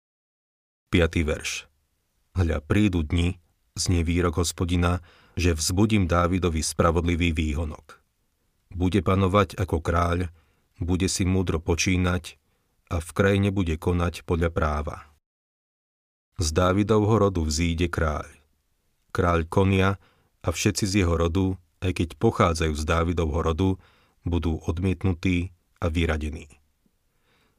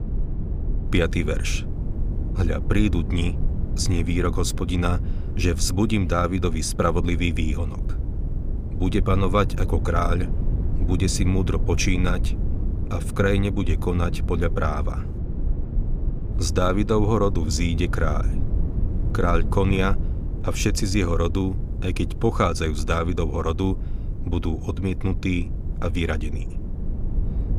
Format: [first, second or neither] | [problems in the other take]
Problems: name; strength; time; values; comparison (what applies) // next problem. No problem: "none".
first | low rumble; noticeable; throughout; 15 dB below the speech